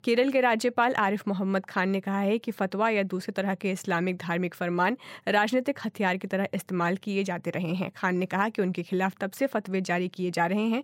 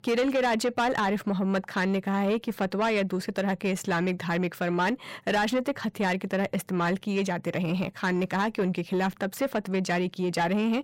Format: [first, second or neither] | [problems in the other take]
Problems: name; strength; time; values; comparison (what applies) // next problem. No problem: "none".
first | distortion; slight; 10 dB below the speech